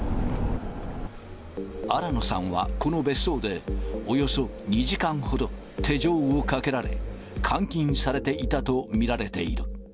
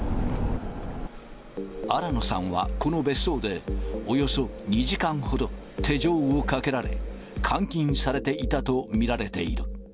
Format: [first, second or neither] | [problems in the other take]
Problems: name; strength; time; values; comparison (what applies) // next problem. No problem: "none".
second | background sound (Bowed string instrument); 18 dB below the speech